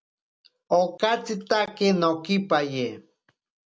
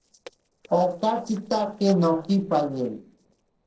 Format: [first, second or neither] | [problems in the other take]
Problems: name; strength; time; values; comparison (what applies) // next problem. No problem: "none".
first | noise reduction (neural separator model SepFormer DNS4)